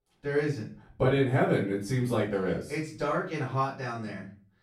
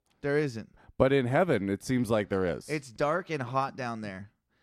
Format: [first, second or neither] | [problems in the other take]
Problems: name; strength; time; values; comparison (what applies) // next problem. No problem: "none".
second | off-mic speech; far // room echo; slight; dies away in 0.3 s